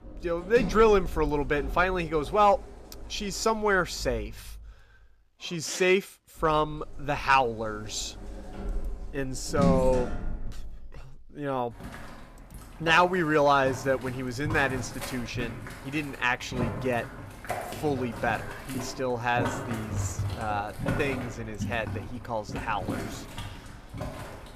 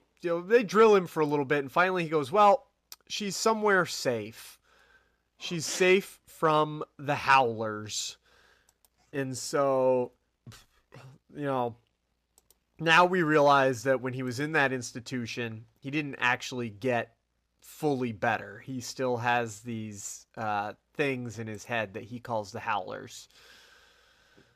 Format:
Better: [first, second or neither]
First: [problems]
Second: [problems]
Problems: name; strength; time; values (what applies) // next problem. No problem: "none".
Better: second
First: household noises; loud; throughout; 9 dB below the speech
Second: none